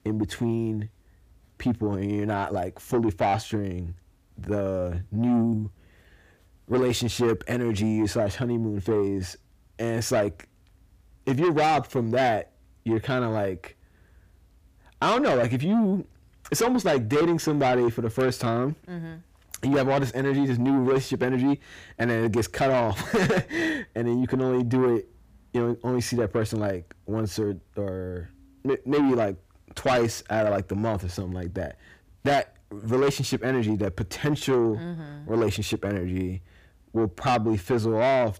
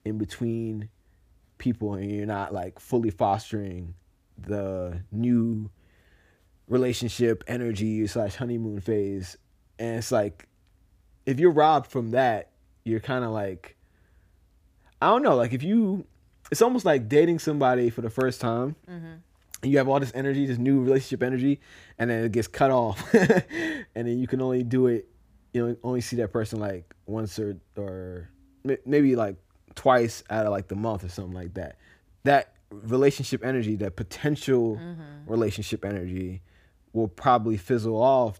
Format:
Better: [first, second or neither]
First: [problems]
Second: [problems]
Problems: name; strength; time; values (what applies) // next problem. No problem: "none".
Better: second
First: distortion; heavy; 7 dB below the speech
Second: none